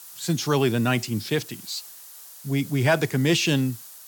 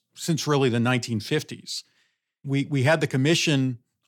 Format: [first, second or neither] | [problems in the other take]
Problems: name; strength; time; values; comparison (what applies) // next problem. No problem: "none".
second | hiss; noticeable; throughout; 15 dB below the speech